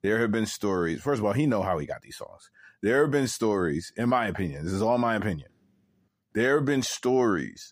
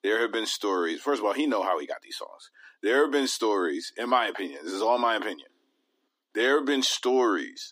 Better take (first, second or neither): first